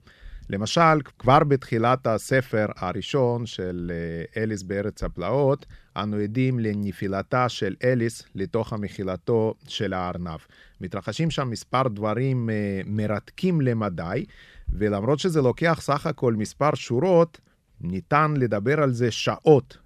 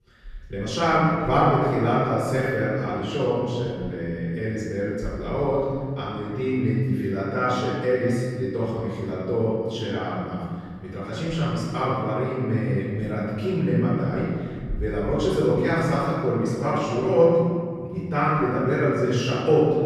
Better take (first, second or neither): first